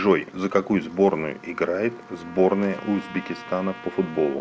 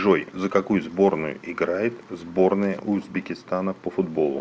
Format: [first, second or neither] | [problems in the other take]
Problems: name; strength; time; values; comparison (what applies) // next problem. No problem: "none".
second | background sound (Trumpet); 19 dB below the speech